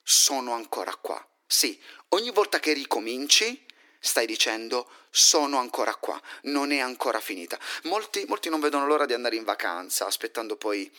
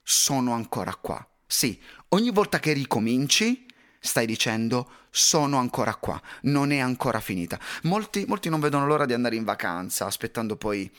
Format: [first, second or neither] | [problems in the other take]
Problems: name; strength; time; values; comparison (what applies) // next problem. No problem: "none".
second | thin; somewhat; fading below 300 Hz